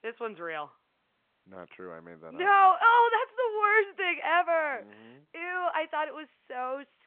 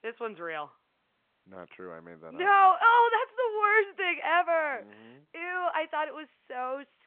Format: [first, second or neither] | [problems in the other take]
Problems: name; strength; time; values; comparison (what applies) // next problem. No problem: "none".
neither | phone-call audio; nothing above 3.5 kHz; the same in both